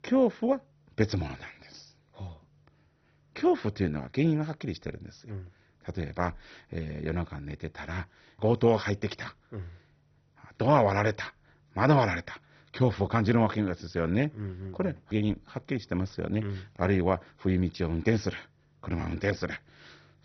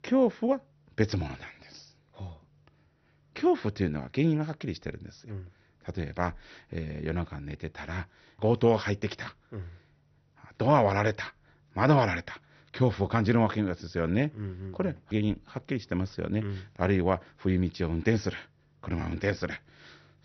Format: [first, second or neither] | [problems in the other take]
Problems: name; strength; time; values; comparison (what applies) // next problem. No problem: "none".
second | garbled, watery; badly; nothing above 6 kHz; slightly in the second